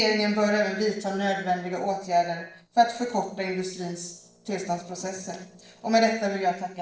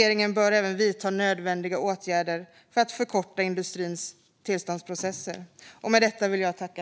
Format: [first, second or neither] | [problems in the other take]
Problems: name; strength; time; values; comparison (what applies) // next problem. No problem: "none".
second | noise reduction (neural separator model SepFormer DNS4)